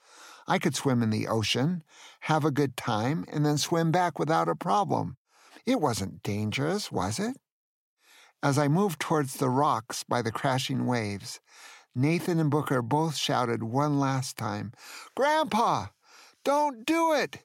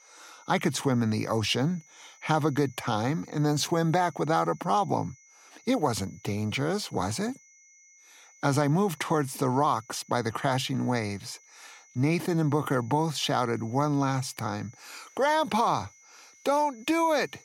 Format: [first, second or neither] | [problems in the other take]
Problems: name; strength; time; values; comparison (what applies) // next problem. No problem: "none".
first | high-pitched whine; faint; throughout; 6 kHz, 25 dB below the speech